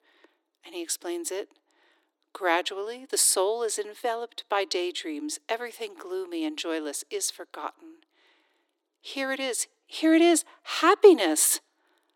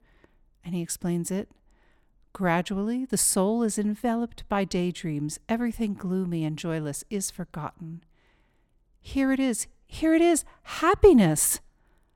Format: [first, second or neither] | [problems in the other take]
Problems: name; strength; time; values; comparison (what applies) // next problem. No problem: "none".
second | thin; very; fading below 300 Hz